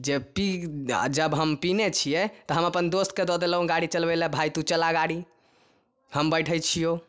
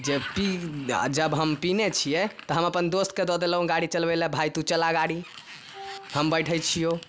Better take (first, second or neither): first